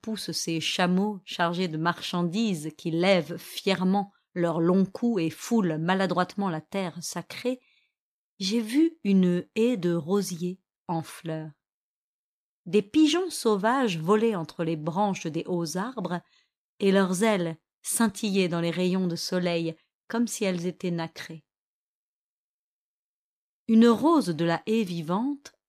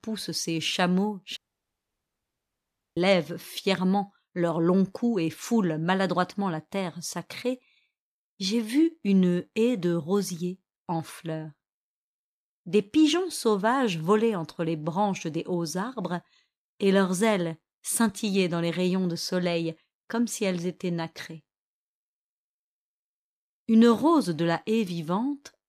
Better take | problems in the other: first | audio cutting out; at 1.5 s for 1.5 s

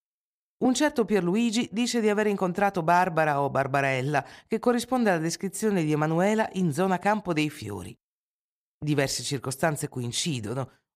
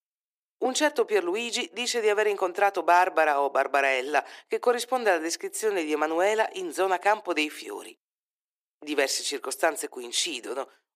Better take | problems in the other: first | thin; very; fading below 350 Hz

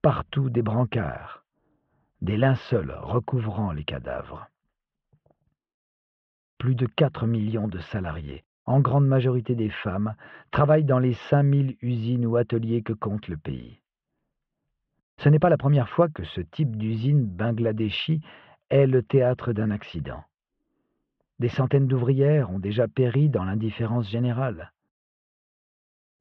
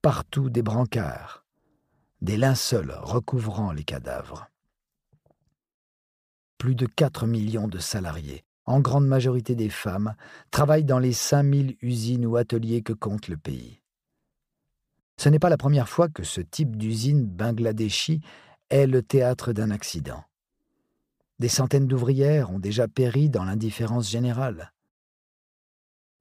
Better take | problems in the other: second | muffled; very; fading above 3 kHz

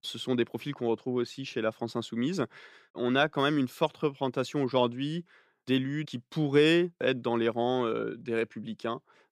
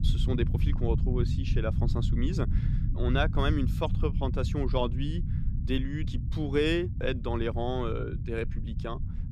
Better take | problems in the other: first | low rumble; noticeable; throughout; 10 dB below the speech

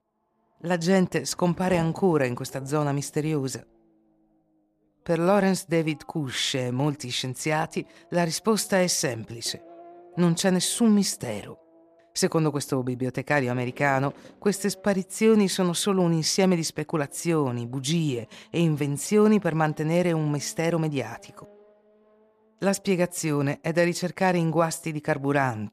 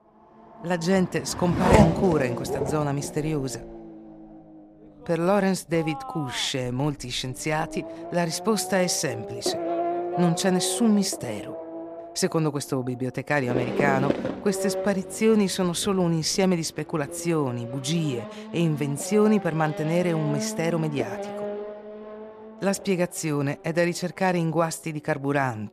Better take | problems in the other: first | traffic noise; loud; throughout; 5 dB below the speech; faint in the first

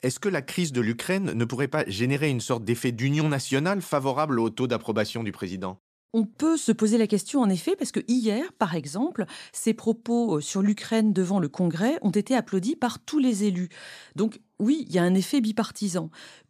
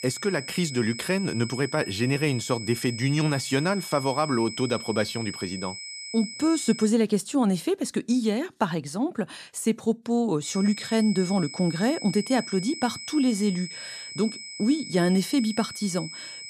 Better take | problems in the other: first | high-pitched whine; noticeable; until 7 s and from 10 s on; 5 kHz, 10 dB below the speech

